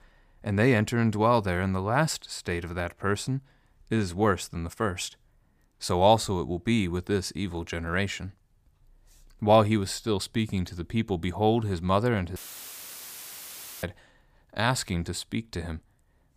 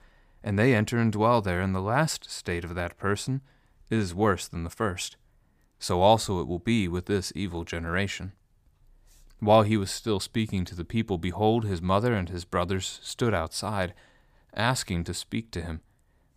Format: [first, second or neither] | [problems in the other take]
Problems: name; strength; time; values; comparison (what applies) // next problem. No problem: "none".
second | audio cutting out; filled with static; at 12 s for 1.5 s